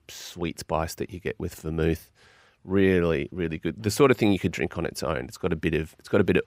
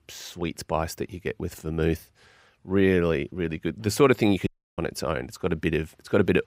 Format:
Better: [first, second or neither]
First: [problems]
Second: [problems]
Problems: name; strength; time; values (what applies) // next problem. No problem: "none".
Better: first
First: none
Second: audio cutting out; at 4.5 s